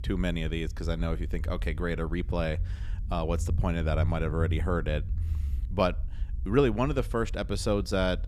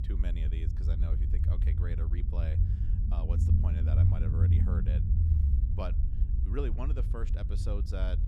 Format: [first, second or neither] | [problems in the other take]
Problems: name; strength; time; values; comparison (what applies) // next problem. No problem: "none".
first | low rumble; loud; throughout; as loud as the speech; faint in the first